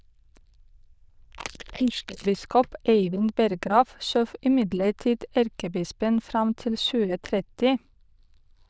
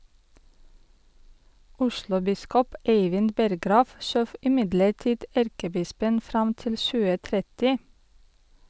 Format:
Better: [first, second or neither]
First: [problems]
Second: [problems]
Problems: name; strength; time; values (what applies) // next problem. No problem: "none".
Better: second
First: noise reduction (neural diffusion model UNIVERSE++)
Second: none